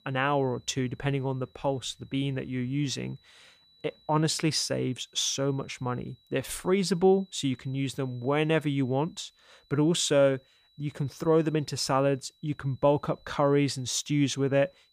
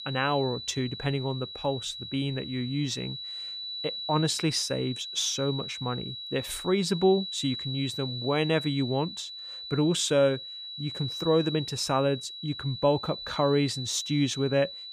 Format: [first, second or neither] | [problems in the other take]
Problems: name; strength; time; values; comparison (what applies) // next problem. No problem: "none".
first | high-pitched whine; loud; throughout; 4 kHz, 7 dB below the speech; faint in the first